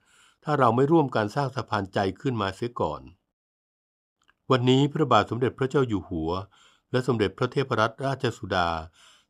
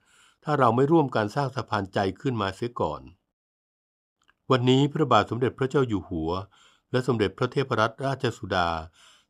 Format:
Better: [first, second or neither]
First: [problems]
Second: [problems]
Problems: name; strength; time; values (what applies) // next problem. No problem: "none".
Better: neither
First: none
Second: none